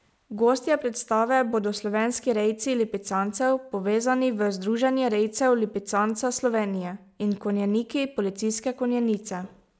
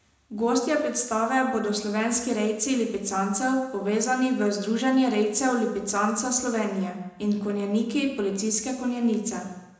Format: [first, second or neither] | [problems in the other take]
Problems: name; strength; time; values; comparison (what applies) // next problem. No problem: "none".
first | room echo; dies away in 0.9 s